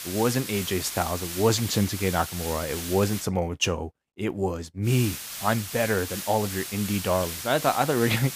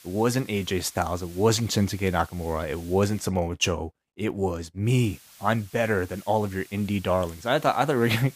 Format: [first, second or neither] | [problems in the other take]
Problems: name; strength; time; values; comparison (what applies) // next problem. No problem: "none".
second | hiss; loud; until 3 s and from 5 s on; 7 dB below the speech; faint in the second